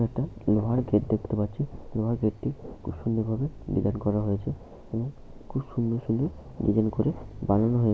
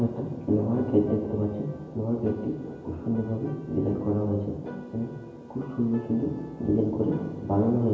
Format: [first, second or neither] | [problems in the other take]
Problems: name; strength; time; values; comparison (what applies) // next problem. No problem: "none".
first | background sound (Piano); 18 dB below the speech // room echo; dies away in 1 s